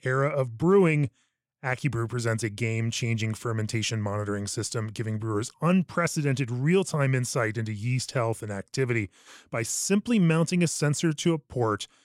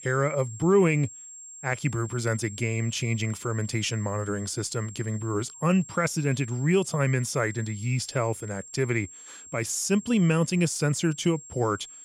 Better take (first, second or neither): first